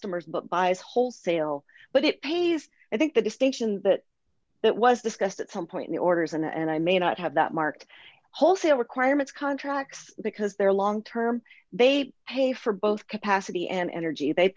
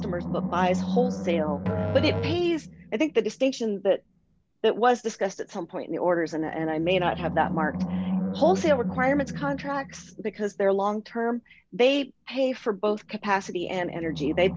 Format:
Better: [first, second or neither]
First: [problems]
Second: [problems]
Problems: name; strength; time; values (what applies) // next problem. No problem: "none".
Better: first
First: none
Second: background sound (Musical instrument + Animal); 7 dB below the speech